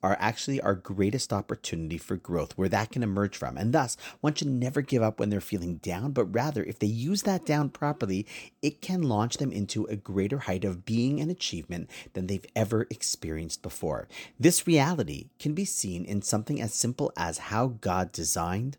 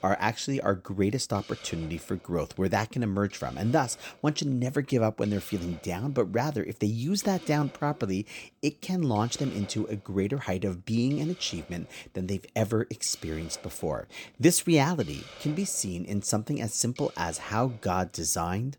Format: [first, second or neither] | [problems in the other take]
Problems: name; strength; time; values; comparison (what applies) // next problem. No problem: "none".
first | hiss; faint; throughout; 20 dB below the speech